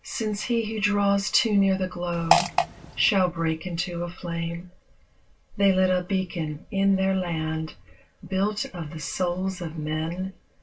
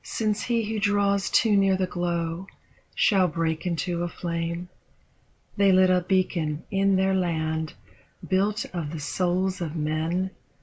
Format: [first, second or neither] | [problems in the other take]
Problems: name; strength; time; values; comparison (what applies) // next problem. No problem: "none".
second | background sound (Fart); 1 dB above the speech // room echo; dies away in 0.1 s